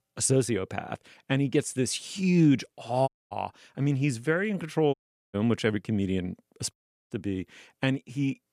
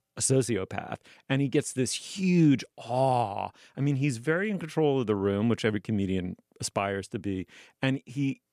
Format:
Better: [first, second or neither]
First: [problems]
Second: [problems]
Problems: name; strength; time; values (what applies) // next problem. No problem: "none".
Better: second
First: audio cutting out; at 3 s, at 5 s and at 6.5 s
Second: none